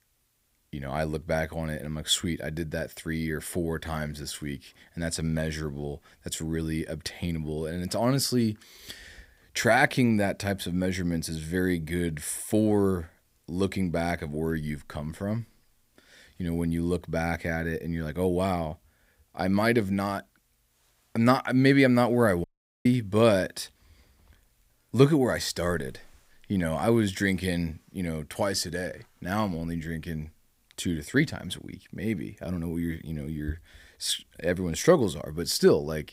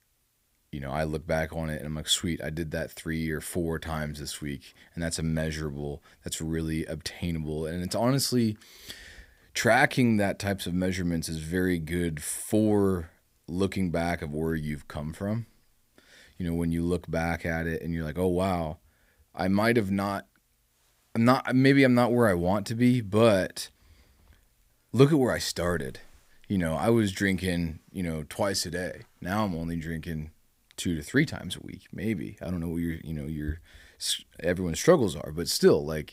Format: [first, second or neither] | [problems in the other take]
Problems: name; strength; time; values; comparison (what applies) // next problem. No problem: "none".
second | audio cutting out; at 22 s